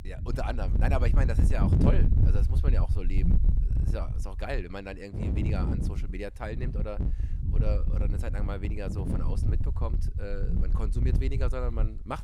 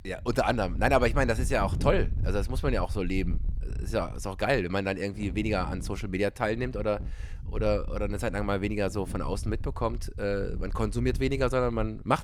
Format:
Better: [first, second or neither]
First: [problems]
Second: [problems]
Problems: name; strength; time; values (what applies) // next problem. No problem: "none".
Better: second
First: wind noise on the microphone; heavy; 4 dB below the speech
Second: wind noise on the microphone; occasional gusts; 20 dB below the speech